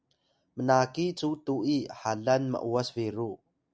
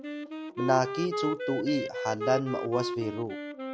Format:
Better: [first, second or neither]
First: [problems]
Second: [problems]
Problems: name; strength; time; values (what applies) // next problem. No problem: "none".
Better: first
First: none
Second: background sound (Wind instrument, woodwind instrument); 4 dB below the speech